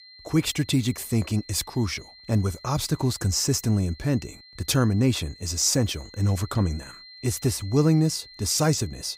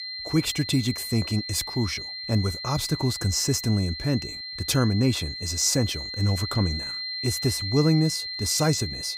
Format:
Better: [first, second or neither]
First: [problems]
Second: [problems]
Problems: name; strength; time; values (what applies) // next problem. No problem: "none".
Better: first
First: high-pitched whine; faint; throughout; 4 kHz, 20 dB below the speech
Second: high-pitched whine; loud; throughout; 4 kHz, 6 dB below the speech